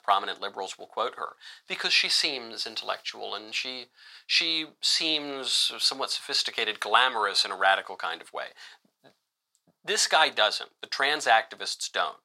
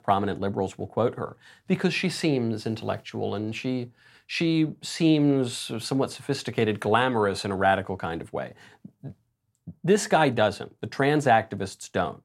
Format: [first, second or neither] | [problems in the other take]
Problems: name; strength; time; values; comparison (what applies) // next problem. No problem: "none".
second | thin; very; fading below 900 Hz